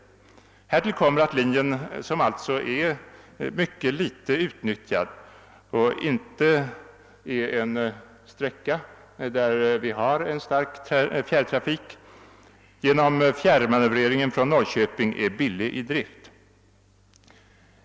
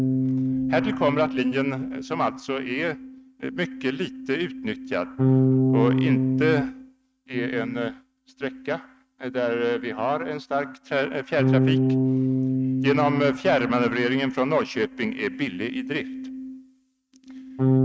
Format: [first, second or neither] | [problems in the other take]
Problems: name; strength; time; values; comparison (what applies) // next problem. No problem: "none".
first | noise reduction (neural mask model RNNoise)